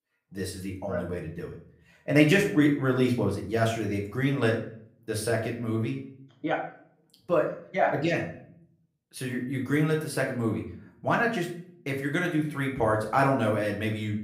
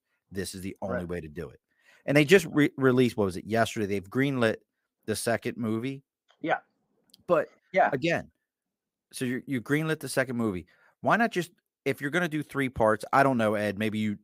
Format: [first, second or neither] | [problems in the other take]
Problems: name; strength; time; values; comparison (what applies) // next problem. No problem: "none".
second | room echo; slight; dies away in 0.5 s // off-mic speech; somewhat distant